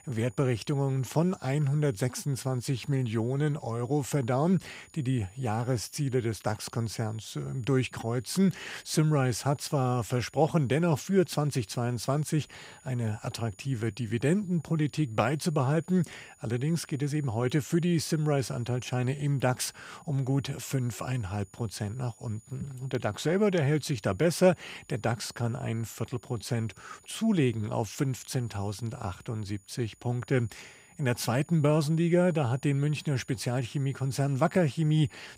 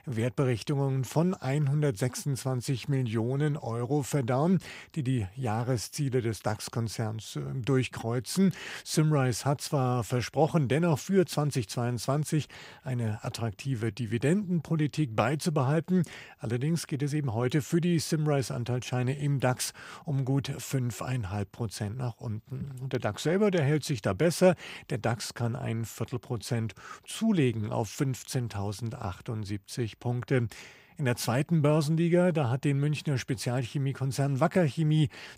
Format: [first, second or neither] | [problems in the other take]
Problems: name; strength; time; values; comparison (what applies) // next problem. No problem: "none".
second | high-pitched whine; faint; throughout; 7 kHz, 30 dB below the speech